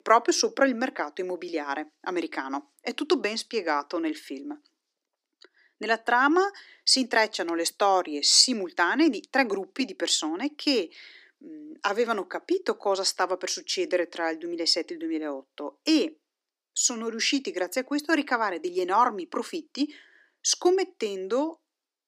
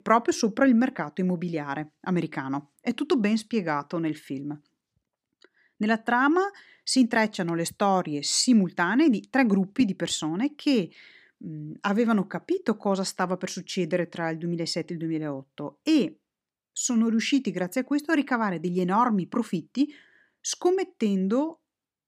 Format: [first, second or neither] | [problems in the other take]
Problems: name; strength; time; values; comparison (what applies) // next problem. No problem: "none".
second | thin; somewhat; fading below 300 Hz